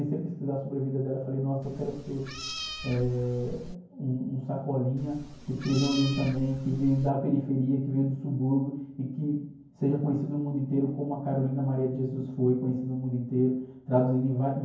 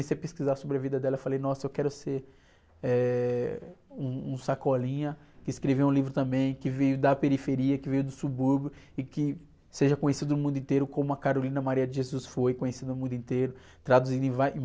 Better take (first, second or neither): second